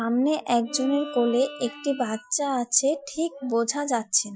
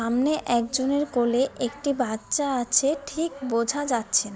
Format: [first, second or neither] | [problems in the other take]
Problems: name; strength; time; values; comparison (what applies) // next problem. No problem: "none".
second | noise reduction (classical method Wiener filter)